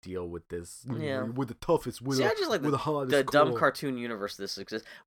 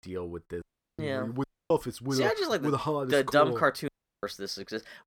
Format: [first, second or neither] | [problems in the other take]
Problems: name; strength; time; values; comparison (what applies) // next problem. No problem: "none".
first | audio cutting out; at 0.5 s, at 1.5 s and at 4 s